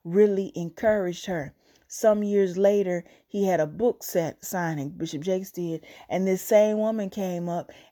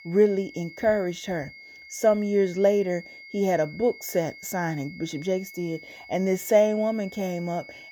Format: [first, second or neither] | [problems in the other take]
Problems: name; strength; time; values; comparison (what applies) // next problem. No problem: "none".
first | high-pitched whine; noticeable; throughout; 2 kHz, 20 dB below the speech